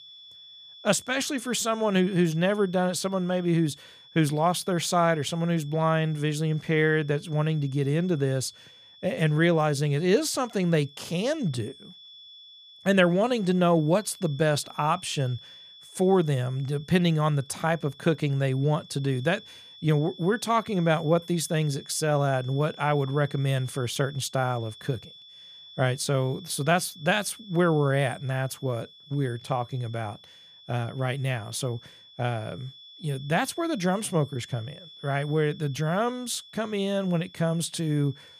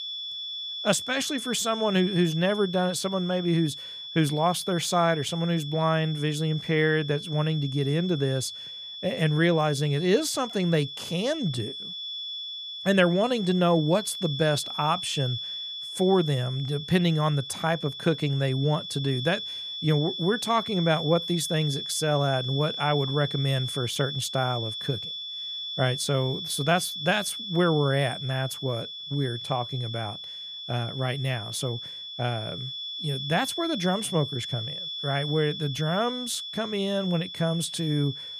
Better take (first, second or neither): first